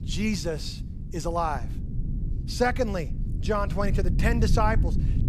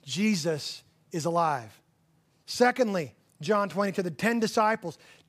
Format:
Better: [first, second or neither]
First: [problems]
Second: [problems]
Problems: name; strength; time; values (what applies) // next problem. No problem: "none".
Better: second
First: low rumble; noticeable; throughout; 15 dB below the speech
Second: none